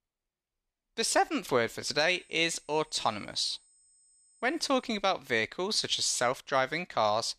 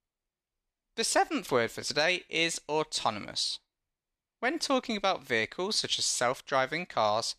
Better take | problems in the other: second | high-pitched whine; faint; from 2 to 5 s; 8 kHz, 30 dB below the speech

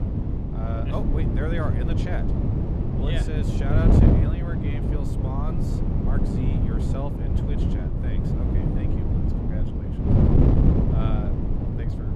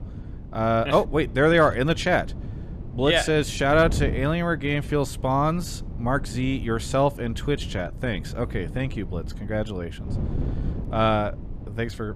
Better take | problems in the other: second | wind noise on the microphone; heavy; 4 dB above the speech; occasional gusts in the second

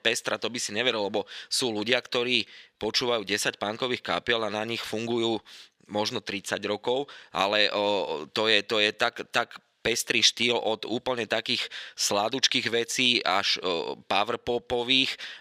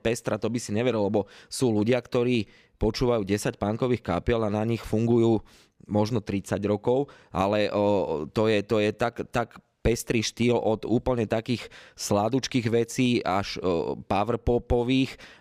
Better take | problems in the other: second | thin; somewhat; fading below 750 Hz

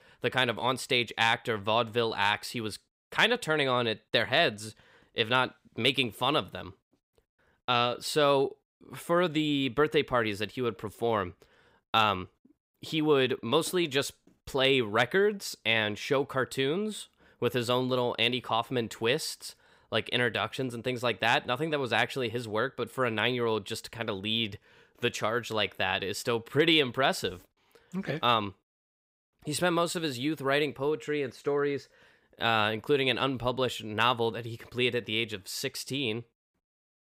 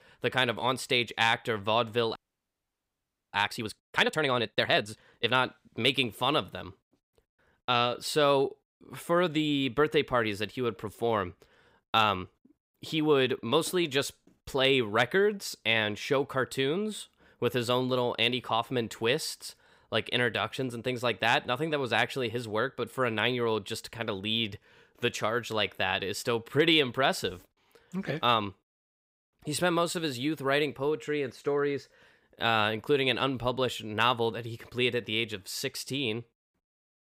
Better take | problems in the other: first | audio freezing; at 2 s for 1 s

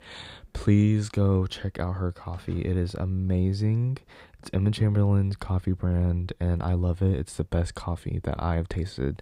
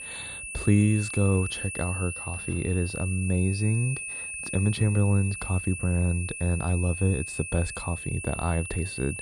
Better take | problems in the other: first | high-pitched whine; loud; throughout; 2.5 kHz, 7 dB below the speech

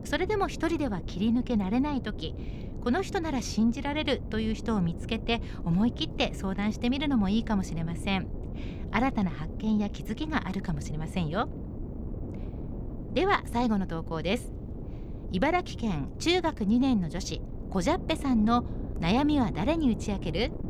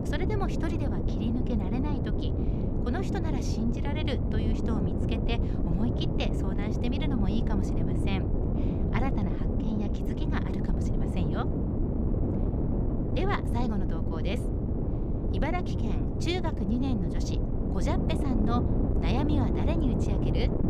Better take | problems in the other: first | wind noise on the microphone; heavy; as loud as the speech; occasional gusts in the first

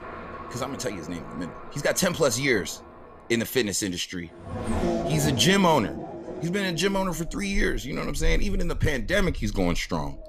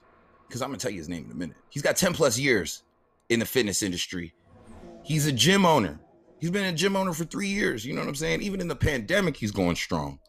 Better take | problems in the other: second | traffic noise; loud; throughout; 9 dB below the speech; faint in the second

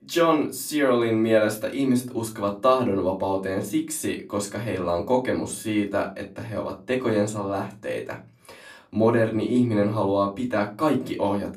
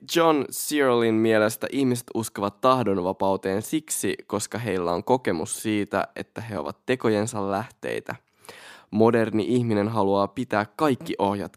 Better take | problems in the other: second | off-mic speech; far // room echo; very slight; dies away in 0.3 s

